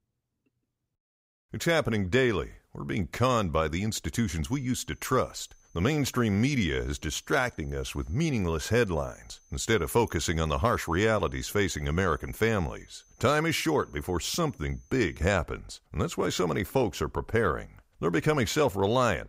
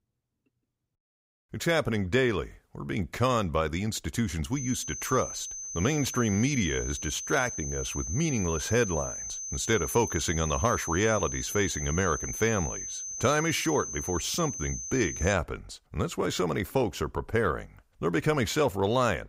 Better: first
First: high-pitched whine; faint; from 4.5 to 15 s; 6 kHz, 35 dB below the speech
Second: high-pitched whine; loud; from 4.5 to 15 s; 6 kHz, 6 dB below the speech

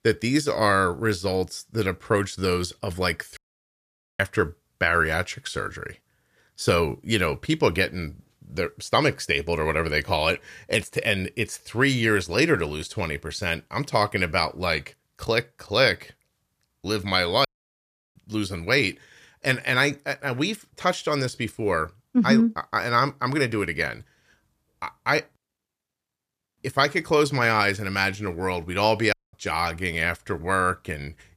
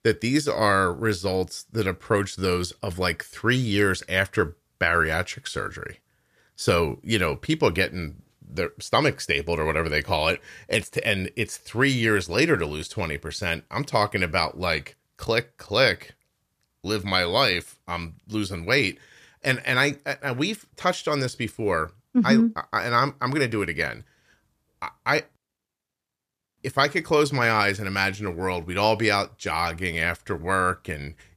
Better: second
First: audio cutting out; at 3.5 s for 1 s, at 17 s for 0.5 s and at 29 s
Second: none

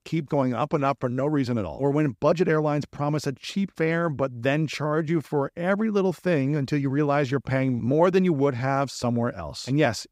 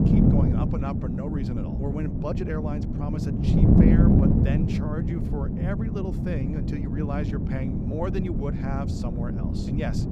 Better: first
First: none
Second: wind noise on the microphone; heavy; 3 dB above the speech

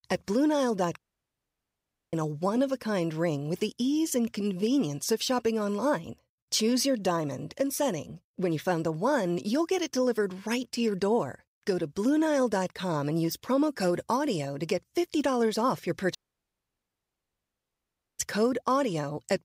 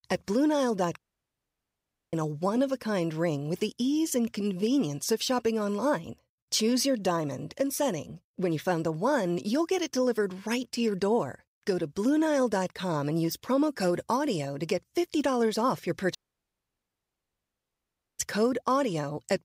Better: neither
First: audio cutting out; at 1 s for 1 s and at 16 s for 2 s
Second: audio cutting out; at 1 s for 1 s and at 16 s for 2 s

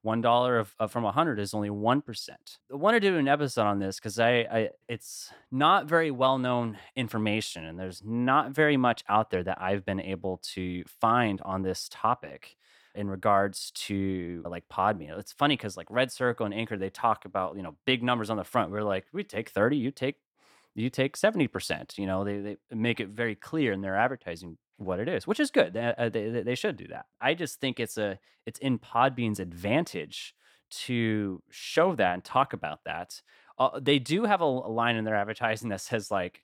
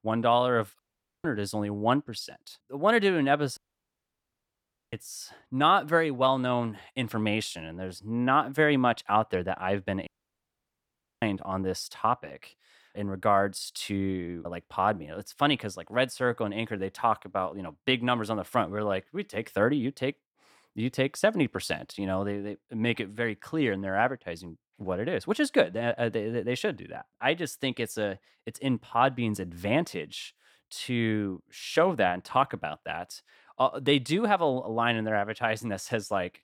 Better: first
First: none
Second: audio cutting out; at 1 s, at 3.5 s for 1.5 s and at 10 s for 1 s

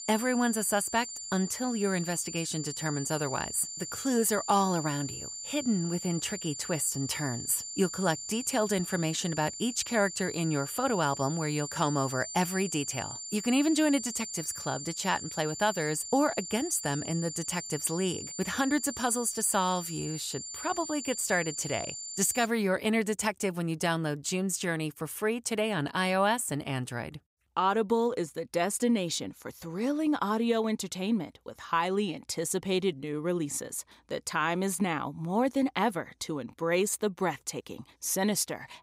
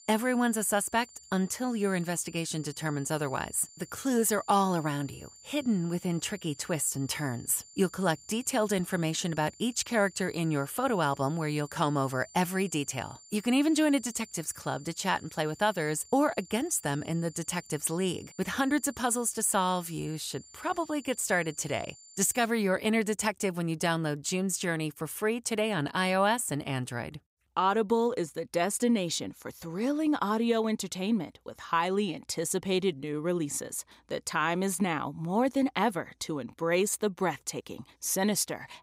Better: second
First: high-pitched whine; loud; until 22 s; 7 kHz, 7 dB below the speech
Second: high-pitched whine; faint; until 22 s; 7 kHz, 20 dB below the speech

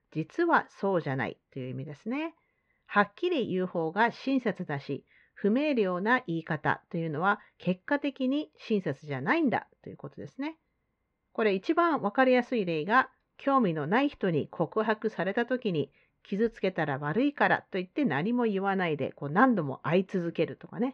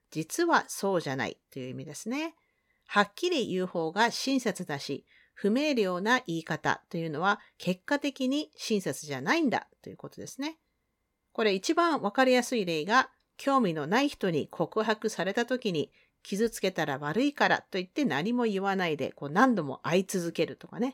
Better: second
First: muffled; very; fading above 2.5 kHz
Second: none

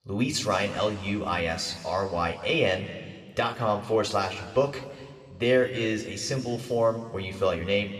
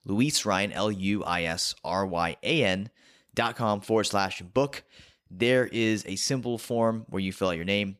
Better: second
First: room echo; slight; dies away in 1.8 s // off-mic speech; somewhat distant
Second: none

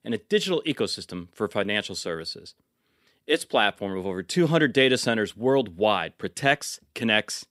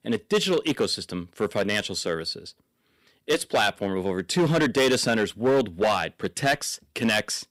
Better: first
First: none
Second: distortion; heavy; 7% of the sound clipped

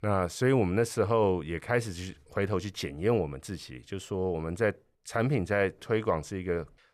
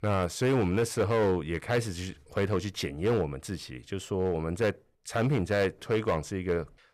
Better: first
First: none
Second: distortion; slight; 7% of the sound clipped

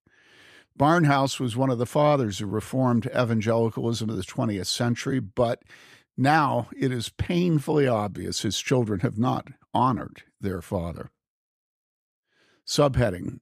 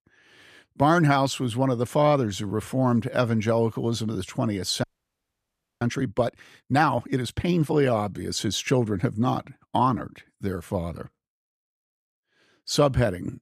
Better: first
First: none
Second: audio freezing; at 5 s for 1 s

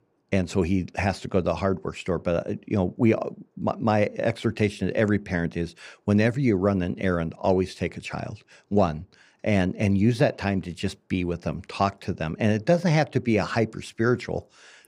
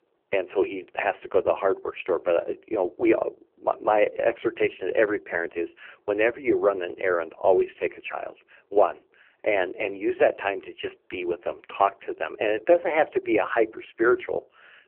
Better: first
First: none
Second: phone-call audio; poor line

